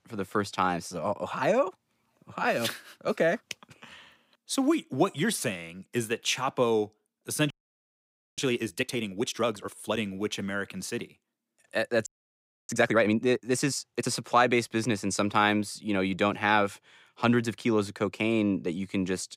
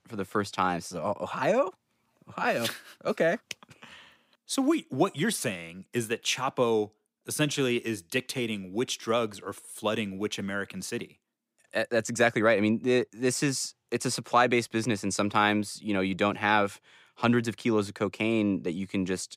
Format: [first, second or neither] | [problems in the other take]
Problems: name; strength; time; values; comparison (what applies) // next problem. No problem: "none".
second | audio freezing; at 7.5 s for 1 s and at 12 s for 0.5 s